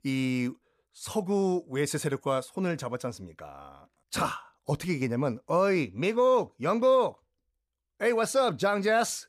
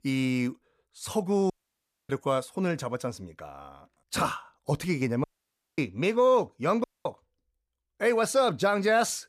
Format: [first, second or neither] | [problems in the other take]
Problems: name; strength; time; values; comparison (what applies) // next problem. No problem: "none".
first | audio cutting out; at 1.5 s for 0.5 s, at 5 s for 0.5 s and at 7 s